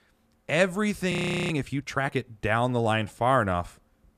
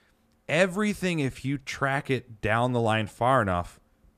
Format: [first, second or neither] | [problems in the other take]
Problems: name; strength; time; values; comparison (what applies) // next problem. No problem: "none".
second | audio freezing; at 1 s